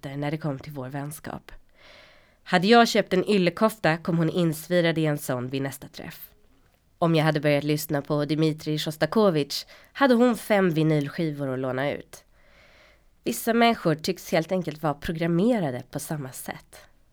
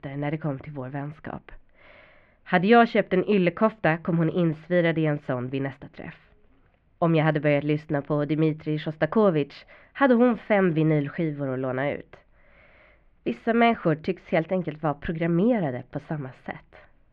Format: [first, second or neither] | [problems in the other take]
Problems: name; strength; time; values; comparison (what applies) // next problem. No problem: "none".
first | muffled; very; fading above 2.5 kHz